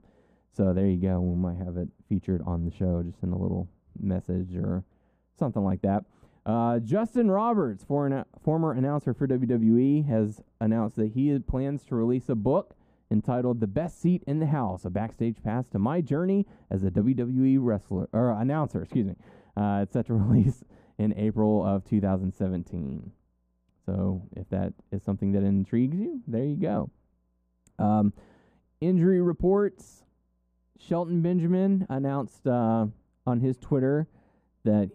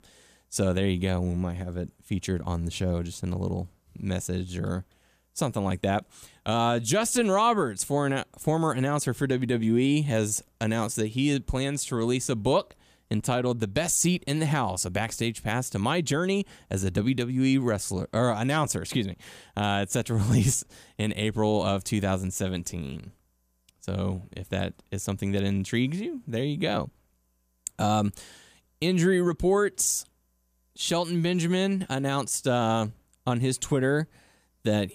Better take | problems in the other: second | muffled; very; fading above 2 kHz

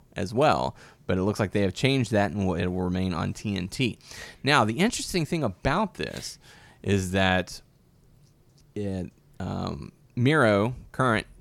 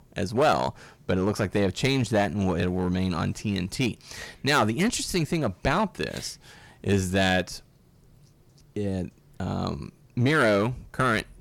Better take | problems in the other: first | distortion; slight; 4% of the sound clipped

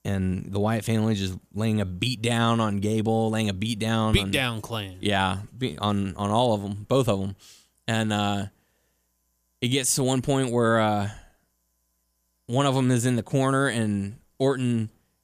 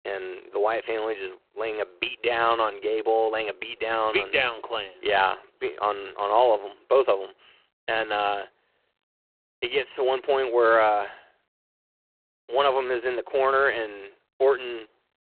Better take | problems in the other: first | phone-call audio; poor line

